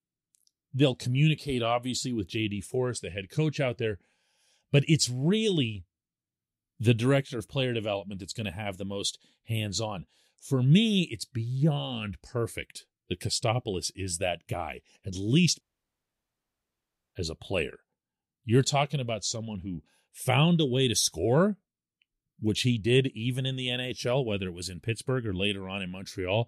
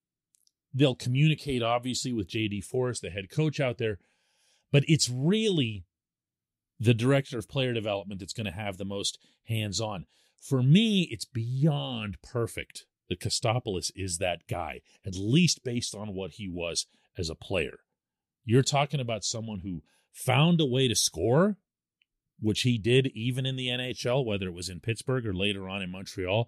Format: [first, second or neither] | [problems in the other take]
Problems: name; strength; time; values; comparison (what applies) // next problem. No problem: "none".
second | audio cutting out; at 16 s for 1.5 s